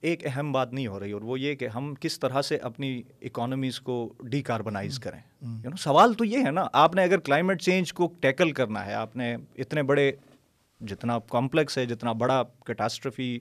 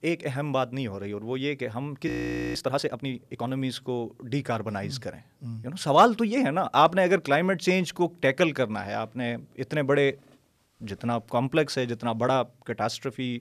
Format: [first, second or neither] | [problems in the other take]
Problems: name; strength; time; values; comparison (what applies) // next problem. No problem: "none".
first | audio freezing; at 2 s